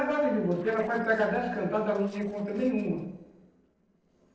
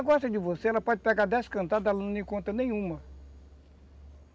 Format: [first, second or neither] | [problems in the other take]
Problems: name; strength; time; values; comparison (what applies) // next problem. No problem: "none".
second | noise reduction (neural separator model SepFormer DNS4)